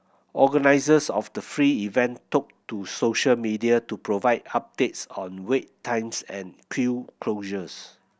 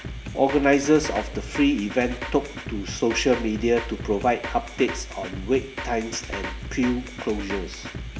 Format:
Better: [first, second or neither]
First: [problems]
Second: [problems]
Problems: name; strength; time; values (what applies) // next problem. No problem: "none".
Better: first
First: none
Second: background sound (Drum kit); 9 dB below the speech // room echo; dies away in 2.5 s